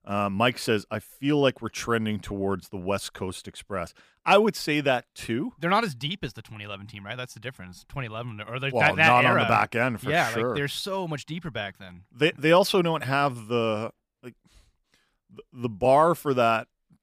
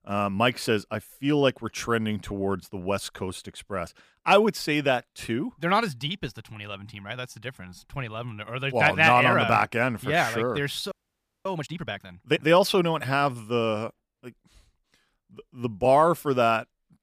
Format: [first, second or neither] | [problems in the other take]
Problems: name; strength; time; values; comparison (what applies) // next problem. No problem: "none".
first | audio freezing; at 11 s for 0.5 s